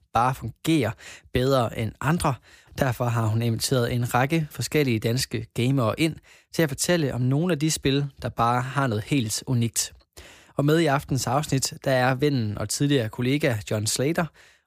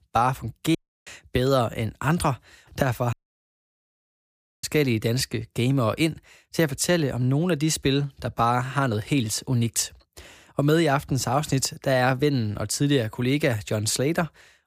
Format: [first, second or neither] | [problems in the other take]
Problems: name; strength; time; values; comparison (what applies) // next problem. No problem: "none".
first | audio cutting out; at 1 s and at 3 s for 1.5 s